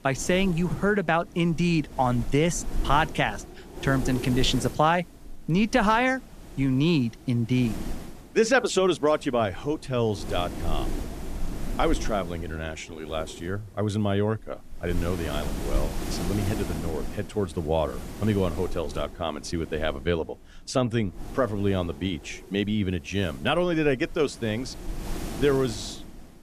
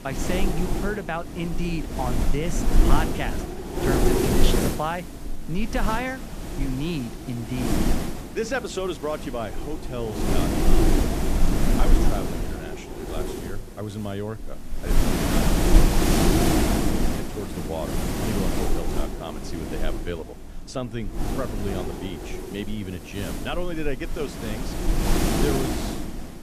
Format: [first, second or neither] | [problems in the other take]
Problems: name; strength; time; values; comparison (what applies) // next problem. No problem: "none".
first | wind noise on the microphone; heavy; 3 dB above the speech; occasional gusts in the first